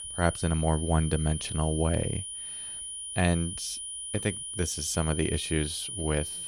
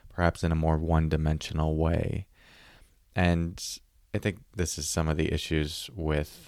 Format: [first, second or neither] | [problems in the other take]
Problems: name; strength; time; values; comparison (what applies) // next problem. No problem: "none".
second | high-pitched whine; loud; throughout; 9.5 kHz, 5 dB below the speech